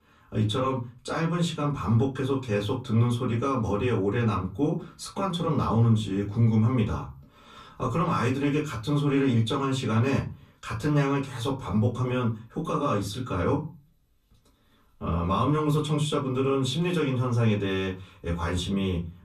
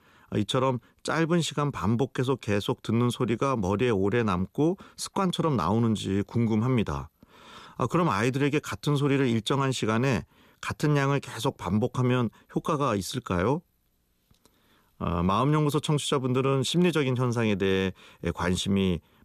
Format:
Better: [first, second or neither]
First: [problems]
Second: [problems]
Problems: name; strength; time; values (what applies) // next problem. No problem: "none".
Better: second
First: off-mic speech; far // room echo; very slight; dies away in 0.3 s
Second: none